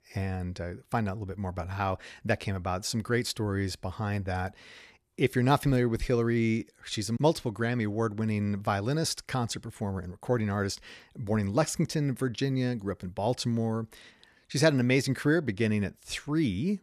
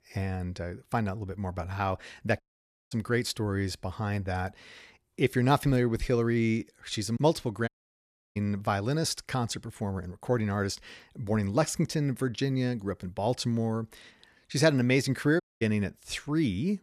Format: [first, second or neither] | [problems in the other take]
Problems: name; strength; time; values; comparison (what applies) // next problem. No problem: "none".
first | audio cutting out; at 2.5 s for 0.5 s, at 7.5 s for 0.5 s and at 15 s